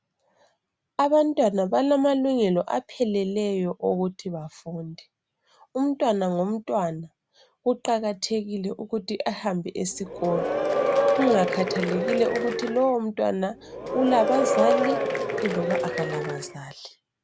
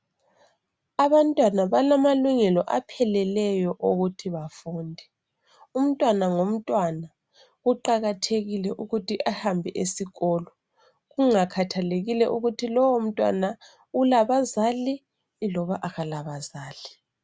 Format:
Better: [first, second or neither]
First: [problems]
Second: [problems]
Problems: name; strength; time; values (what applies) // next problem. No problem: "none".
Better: second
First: background sound (Applause / Crowd / Cheering); as loud as the speech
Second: none